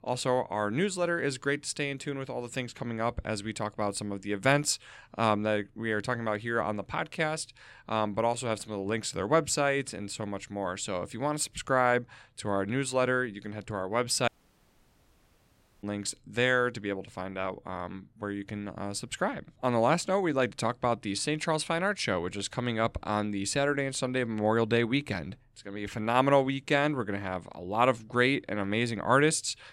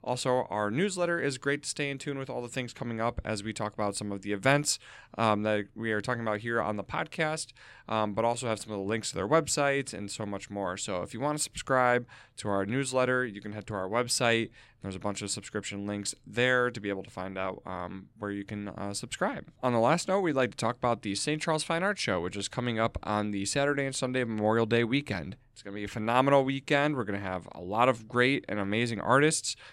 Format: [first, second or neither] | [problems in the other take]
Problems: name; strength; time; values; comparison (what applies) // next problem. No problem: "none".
second | audio cutting out; at 14 s for 1.5 s